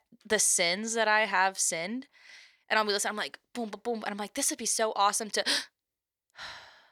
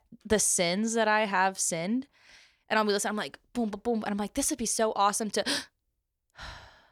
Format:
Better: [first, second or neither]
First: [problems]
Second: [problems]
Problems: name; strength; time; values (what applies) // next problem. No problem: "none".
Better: second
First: thin; very slightly; fading below 1 kHz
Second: none